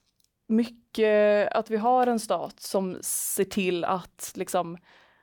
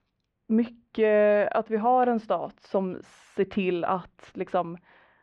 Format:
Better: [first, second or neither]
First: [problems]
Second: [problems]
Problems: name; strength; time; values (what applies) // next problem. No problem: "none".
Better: first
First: none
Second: muffled; very; fading above 2.5 kHz